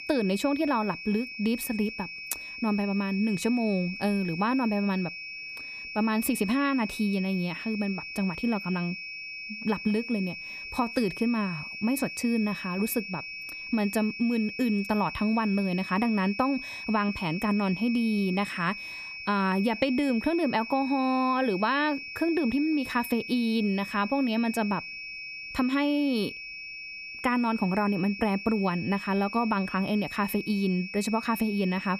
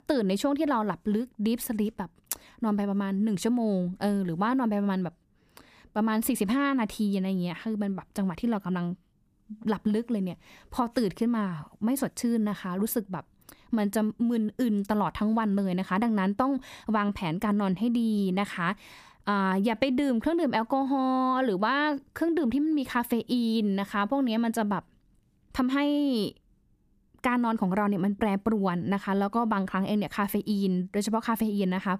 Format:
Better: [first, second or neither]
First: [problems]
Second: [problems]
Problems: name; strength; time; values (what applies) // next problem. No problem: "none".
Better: second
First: high-pitched whine; loud; throughout; 2.5 kHz, 9 dB below the speech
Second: none